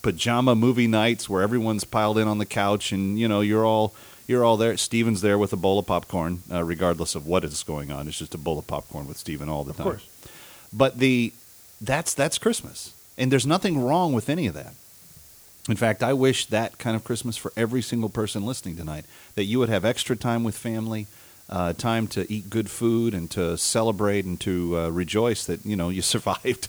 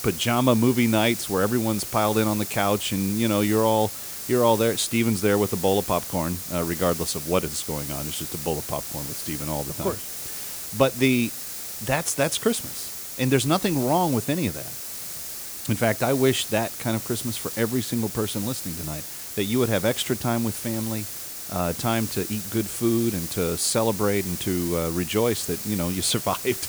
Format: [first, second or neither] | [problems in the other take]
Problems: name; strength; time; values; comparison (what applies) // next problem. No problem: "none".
first | hiss; loud; throughout; 7 dB below the speech; faint in the first